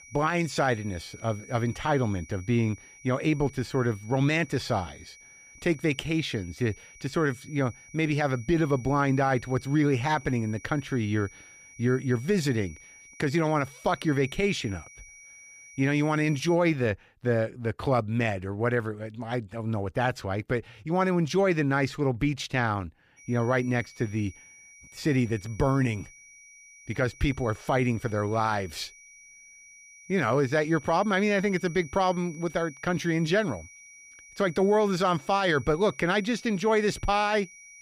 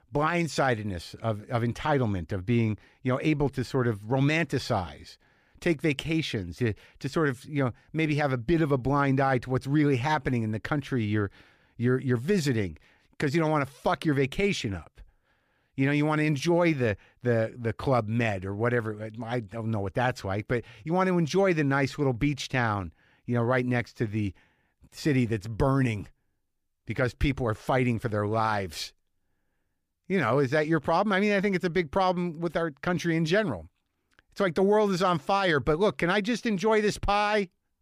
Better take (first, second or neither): second